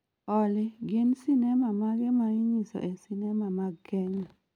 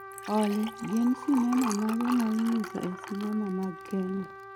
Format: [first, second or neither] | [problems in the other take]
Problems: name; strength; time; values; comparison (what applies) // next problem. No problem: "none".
first | background sound (Liquid + Trumpet); 11 dB below the speech